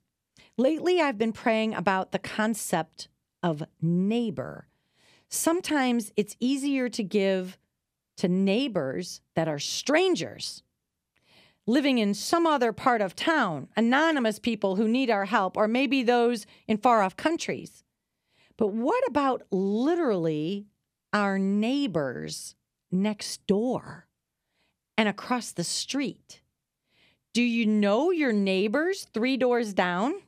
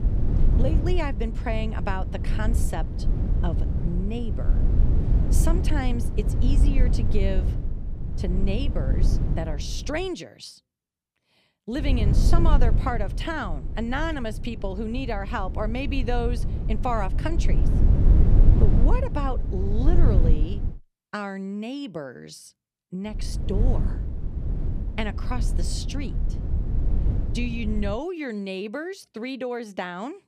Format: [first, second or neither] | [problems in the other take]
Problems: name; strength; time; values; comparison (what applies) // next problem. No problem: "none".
first | low rumble; loud; until 10 s, from 12 to 21 s and from 23 to 28 s; 7 dB below the speech